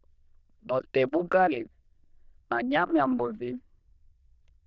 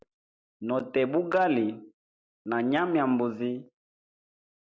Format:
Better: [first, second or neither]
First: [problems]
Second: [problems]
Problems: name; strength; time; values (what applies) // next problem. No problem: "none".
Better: second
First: noise reduction (neural diffusion model UNIVERSE++)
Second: none